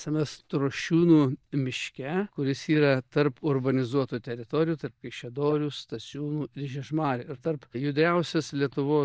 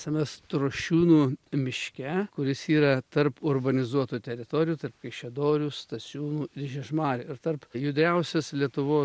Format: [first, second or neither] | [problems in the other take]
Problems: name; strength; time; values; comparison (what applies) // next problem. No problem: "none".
second | noise reduction (neural mask model DeepFilterNet 3)